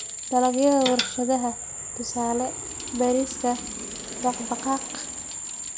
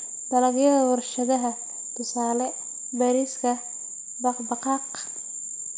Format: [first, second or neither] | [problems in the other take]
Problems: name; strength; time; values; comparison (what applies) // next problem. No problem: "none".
second | background sound (Aircraft + Bicycle); 12 dB below the speech